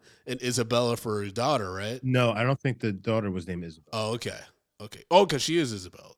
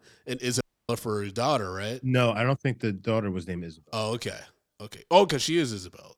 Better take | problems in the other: first | audio cutting out; at 0.5 s

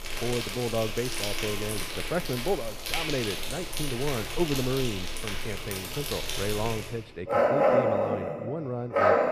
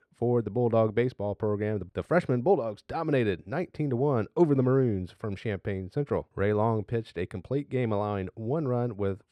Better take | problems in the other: second | animal sounds; very loud; throughout; 3 dB above the speech

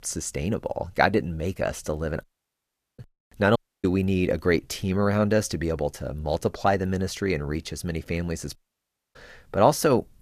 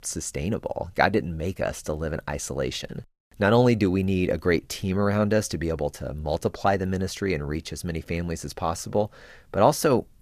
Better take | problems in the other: second | audio cutting out; at 2 s for 0.5 s, at 3.5 s and at 8.5 s for 0.5 s

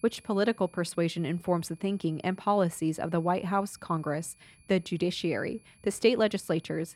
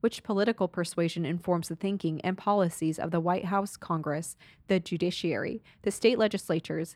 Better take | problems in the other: second | high-pitched whine; faint; throughout; 10.5 kHz, 30 dB below the speech

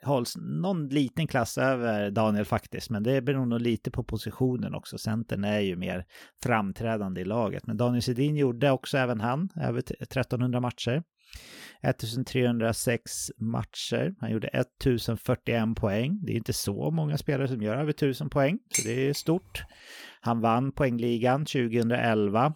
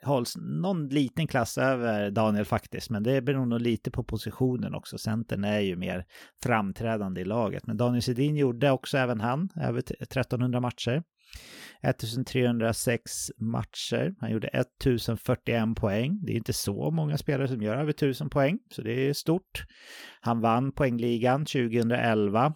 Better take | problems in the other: second | clattering dishes; noticeable; at 19 s; peak 1 dB below the speech

